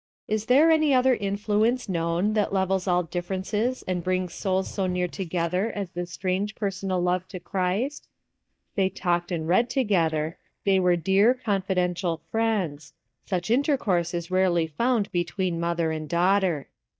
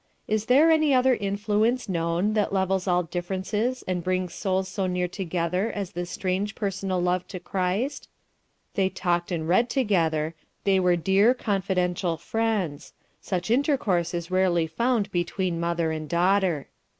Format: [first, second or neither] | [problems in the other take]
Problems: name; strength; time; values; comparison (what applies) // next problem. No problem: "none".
second | noise reduction (neural mask model DeepFilterNet 3)